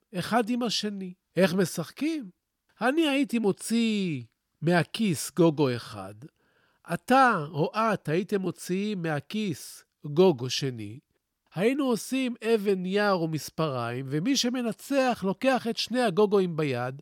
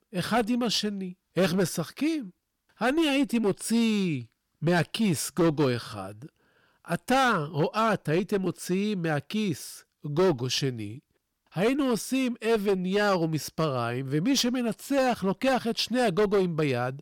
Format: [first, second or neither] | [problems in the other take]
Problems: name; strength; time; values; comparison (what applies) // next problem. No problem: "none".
first | distortion; slight; 8% of the sound clipped